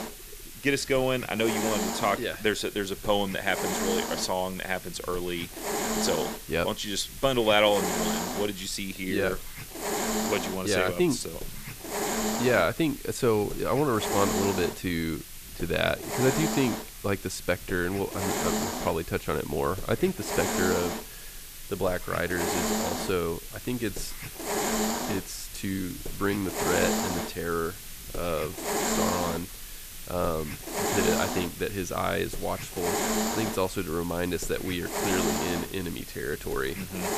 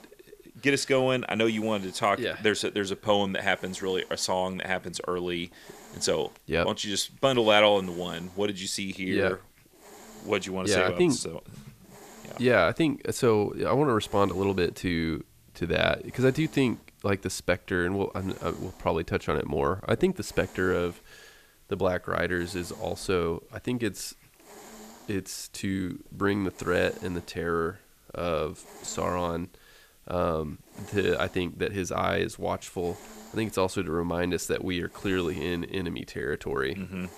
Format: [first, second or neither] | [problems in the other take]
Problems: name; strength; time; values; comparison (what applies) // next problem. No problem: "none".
second | hiss; loud; throughout; 3 dB below the speech; faint in the second